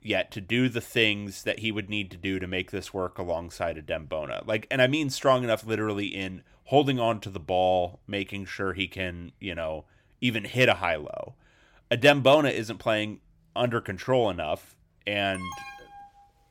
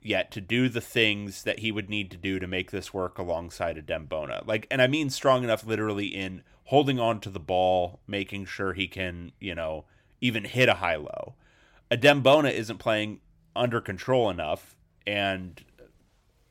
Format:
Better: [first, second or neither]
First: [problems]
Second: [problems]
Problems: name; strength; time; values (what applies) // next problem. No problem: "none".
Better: second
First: alarm; faint; at 15 s; peak 10 dB below the speech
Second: none